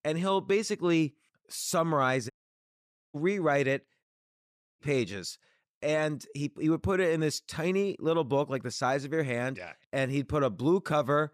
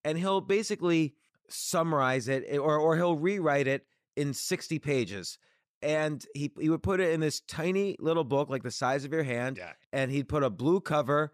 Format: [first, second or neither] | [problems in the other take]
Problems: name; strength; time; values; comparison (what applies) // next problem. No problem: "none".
second | audio cutting out; at 2.5 s for 1 s and at 4 s for 1 s